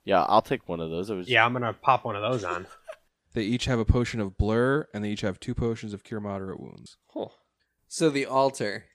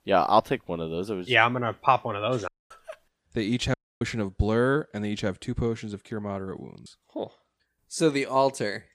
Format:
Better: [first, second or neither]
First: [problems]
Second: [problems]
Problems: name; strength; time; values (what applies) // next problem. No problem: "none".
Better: first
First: none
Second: audio cutting out; at 2.5 s and at 3.5 s